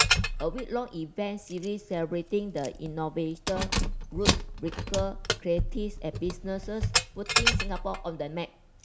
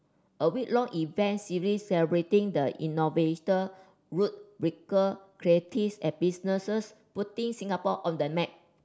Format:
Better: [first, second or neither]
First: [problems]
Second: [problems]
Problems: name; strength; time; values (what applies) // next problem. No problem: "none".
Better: second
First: background sound (Keys jangling); 2 dB above the speech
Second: none